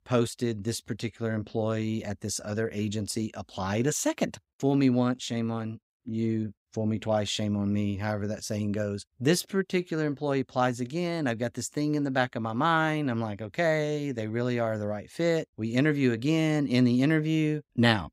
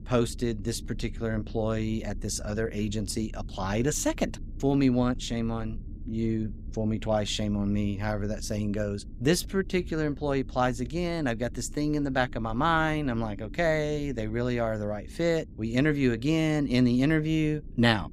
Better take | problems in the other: first | low rumble; faint; throughout; 25 dB below the speech

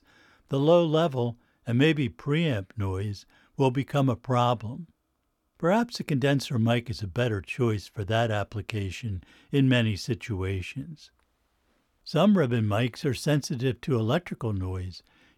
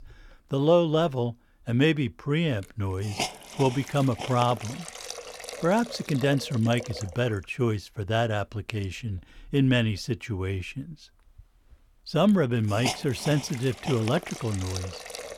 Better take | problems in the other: first | hiss; noticeable; throughout; 10 dB below the speech

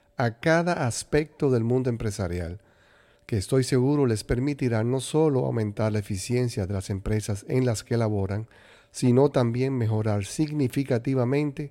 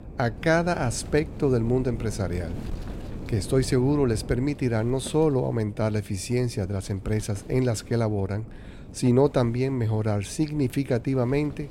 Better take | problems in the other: first | wind noise on the microphone; occasional gusts; 20 dB below the speech

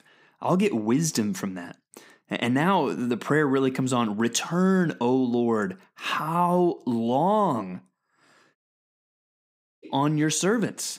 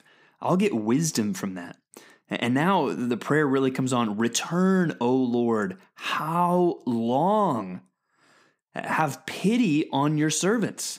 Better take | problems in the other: second | audio cutting out; at 8.5 s for 1.5 s

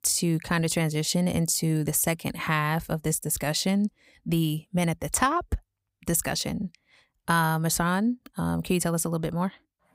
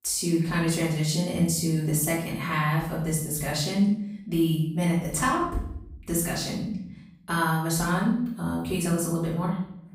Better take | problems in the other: first | off-mic speech; far // room echo; noticeable; dies away in 0.6 s

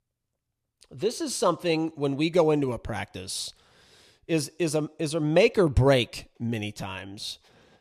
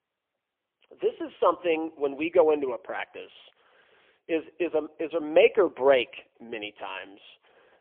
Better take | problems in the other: first | phone-call audio; poor line; nothing above 3 kHz

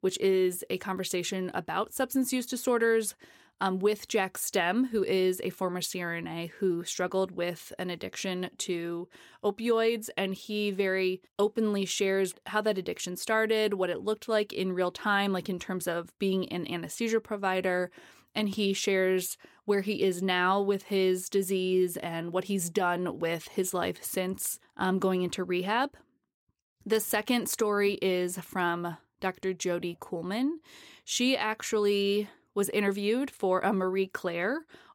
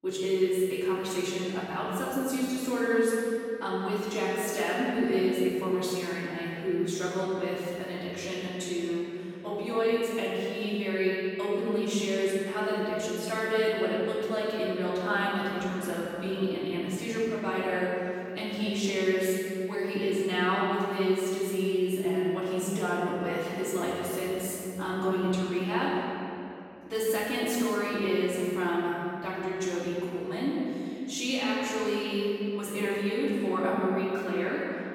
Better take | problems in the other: first | room echo; strong; dies away in 2.6 s // off-mic speech; far

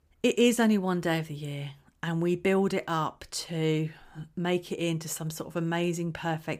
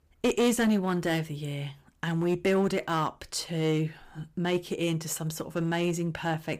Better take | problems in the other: first | distortion; slight; 6% of the sound clipped

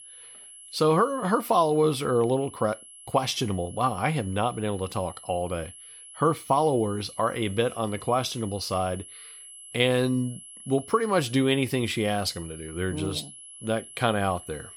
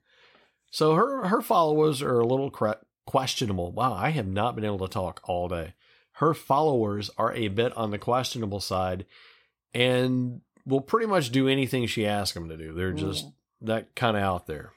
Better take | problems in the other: second | high-pitched whine; noticeable; throughout; 11 kHz, 15 dB below the speech

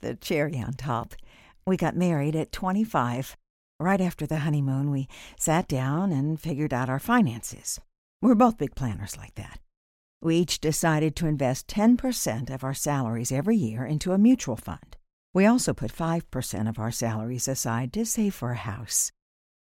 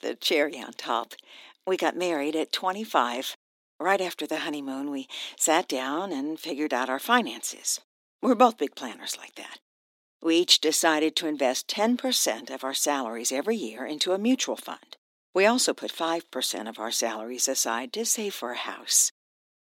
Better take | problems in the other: first | thin; somewhat; fading below 300 Hz

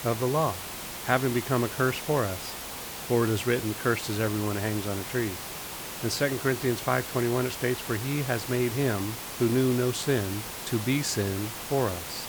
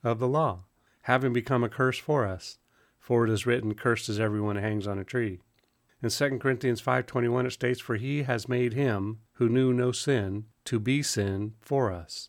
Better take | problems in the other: second | hiss; loud; throughout; 7 dB below the speech

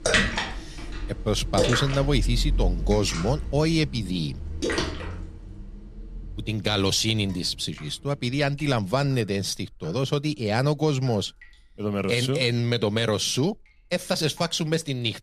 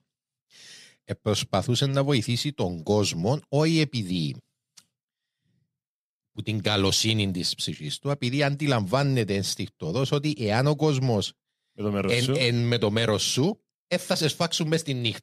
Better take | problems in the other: second | rain or running water; loud; throughout; 5 dB below the speech

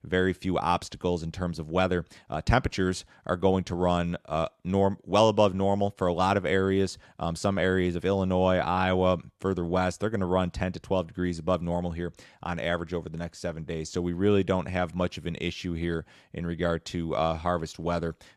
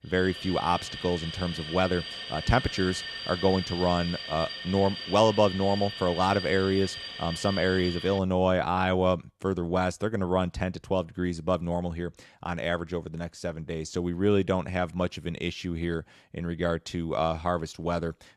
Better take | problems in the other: first | alarm; noticeable; until 8 s; peak 6 dB below the speech

